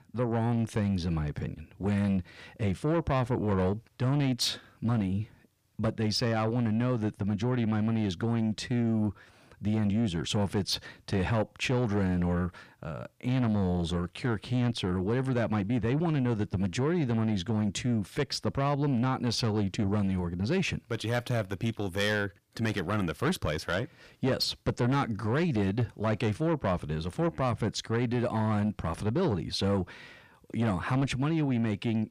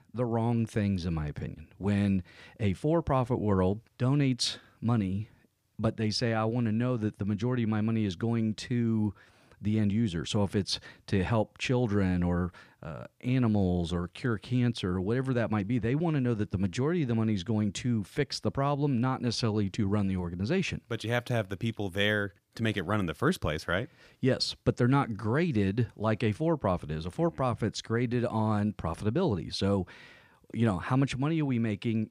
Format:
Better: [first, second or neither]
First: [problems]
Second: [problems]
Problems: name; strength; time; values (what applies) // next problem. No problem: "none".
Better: second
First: distortion; slight; 10 dB below the speech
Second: none